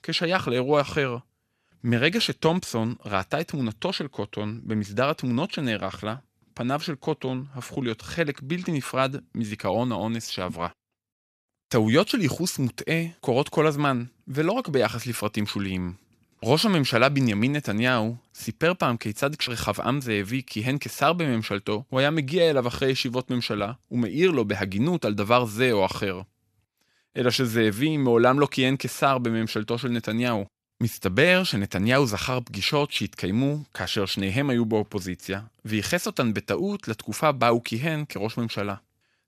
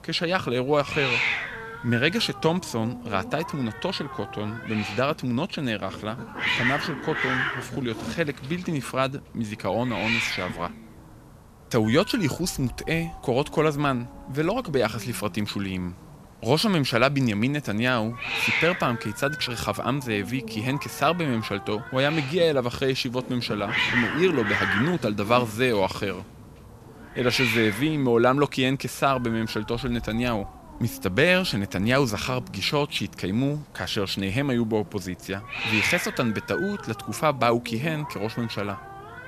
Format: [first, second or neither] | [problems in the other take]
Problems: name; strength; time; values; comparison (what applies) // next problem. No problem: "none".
first | hiss; loud; throughout; 5 dB below the speech